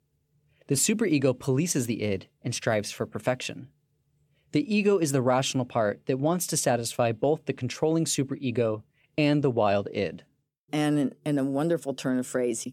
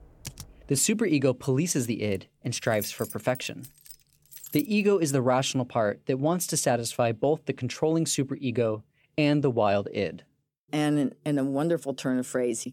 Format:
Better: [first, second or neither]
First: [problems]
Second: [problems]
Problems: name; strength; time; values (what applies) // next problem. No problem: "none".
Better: first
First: none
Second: keyboard typing; faint; at the start; peak 15 dB below the speech // jangling keys; faint; from 2 to 4.5 s; peak 10 dB below the speech